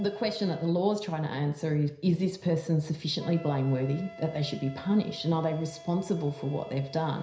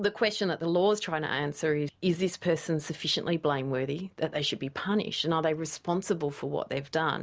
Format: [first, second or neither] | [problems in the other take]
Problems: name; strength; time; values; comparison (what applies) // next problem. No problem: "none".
second | background sound (Wind instrument, woodwind instrument); 20 dB below the speech // room echo; dies away in 0.5 s